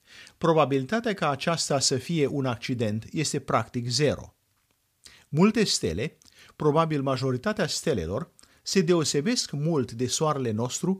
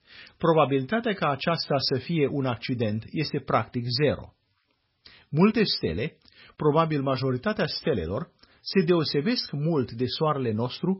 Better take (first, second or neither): first